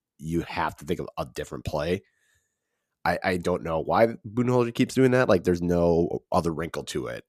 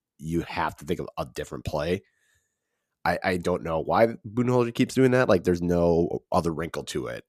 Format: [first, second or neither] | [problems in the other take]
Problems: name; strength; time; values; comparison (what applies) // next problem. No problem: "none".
neither | none